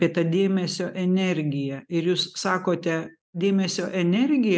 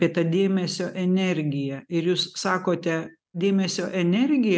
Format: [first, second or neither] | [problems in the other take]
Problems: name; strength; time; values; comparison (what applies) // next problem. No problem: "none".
second | noise reduction (neural mask model Resemble Enhance denoiser)